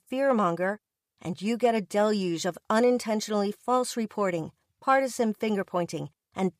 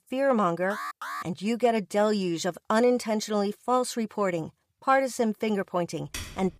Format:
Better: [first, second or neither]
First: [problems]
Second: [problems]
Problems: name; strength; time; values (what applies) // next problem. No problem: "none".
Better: first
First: none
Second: alarm; noticeable; at 0.5 s; peak 8 dB below the speech // keyboard typing; faint; at 6 s; peak 10 dB below the speech